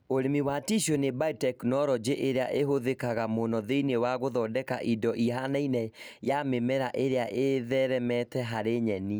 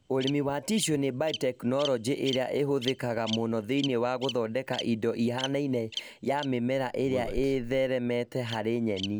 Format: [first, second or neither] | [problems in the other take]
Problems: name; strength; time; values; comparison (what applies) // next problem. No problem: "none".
first | background sound (Bird vocalization, bird call, bird song); 13 dB below the speech